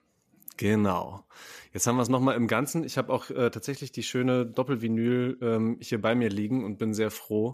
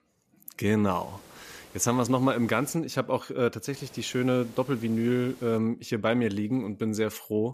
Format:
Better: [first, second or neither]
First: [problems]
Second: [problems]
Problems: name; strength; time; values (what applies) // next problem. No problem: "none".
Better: first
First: none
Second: hiss; faint; from 1 to 3 s and from 3.5 to 5.5 s; 25 dB below the speech